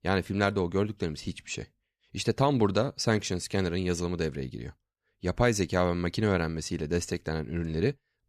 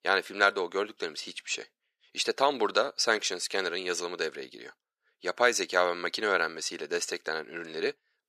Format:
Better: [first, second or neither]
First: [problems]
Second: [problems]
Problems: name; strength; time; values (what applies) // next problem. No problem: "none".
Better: first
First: none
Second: thin; very; fading below 400 Hz